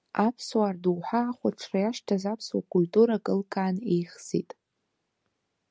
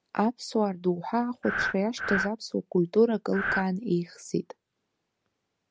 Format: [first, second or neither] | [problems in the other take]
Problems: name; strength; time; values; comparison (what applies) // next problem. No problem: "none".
first | background sound (Breathing); 1 dB below the speech